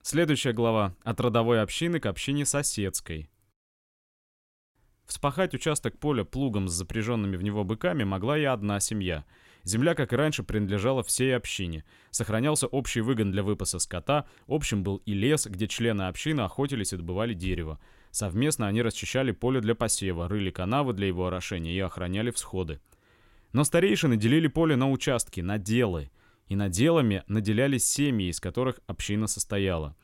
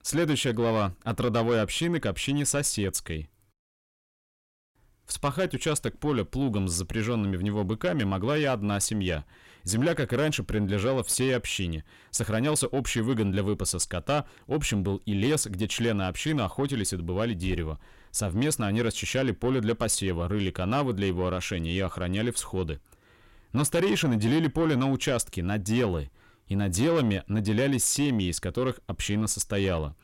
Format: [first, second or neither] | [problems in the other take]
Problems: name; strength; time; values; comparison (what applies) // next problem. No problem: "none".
first | distortion; slight; 10 dB below the speech